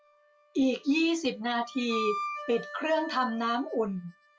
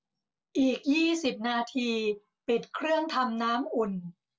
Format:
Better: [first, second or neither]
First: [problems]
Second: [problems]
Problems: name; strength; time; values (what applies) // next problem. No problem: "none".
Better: second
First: noise reduction (classical method log-MMSE)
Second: none